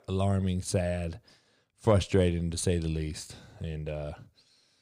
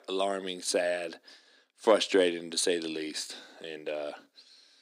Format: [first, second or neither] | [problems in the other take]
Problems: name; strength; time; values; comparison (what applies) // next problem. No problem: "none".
first | thin; somewhat; fading below 250 Hz